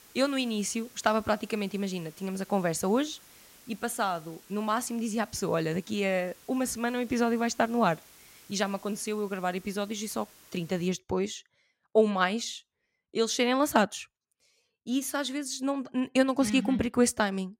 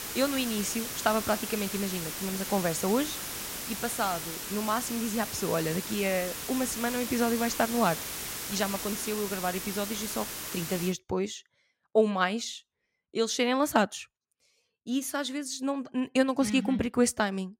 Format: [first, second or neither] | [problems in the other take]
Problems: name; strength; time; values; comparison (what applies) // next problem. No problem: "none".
first | hiss; loud; until 11 s; 5 dB below the speech; faint in the first